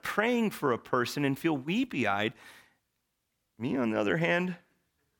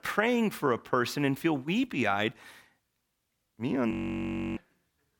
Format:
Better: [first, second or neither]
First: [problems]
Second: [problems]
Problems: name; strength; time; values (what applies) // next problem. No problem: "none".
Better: first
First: none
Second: audio freezing; at 4 s for 0.5 s